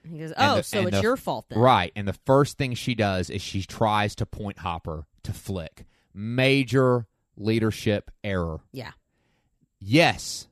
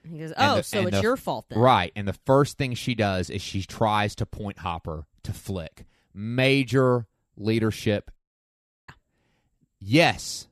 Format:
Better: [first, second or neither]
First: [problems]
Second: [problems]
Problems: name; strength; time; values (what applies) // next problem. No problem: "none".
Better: first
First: none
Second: audio cutting out; at 8 s for 0.5 s